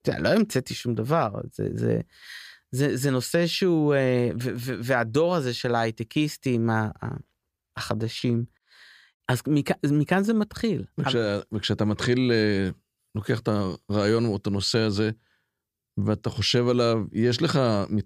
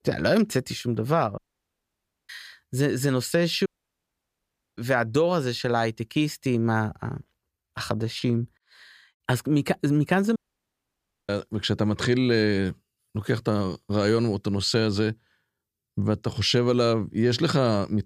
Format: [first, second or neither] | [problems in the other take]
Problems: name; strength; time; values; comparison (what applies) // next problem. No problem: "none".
first | audio cutting out; at 1.5 s for 1 s, at 3.5 s for 1 s and at 10 s for 1 s